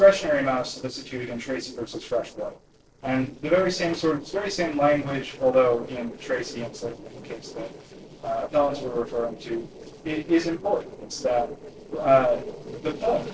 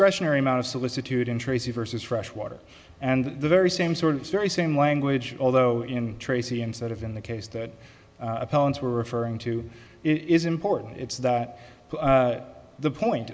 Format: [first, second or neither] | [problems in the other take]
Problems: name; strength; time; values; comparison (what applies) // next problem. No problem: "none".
second | noise reduction (neural separator model SepFormer DNS4)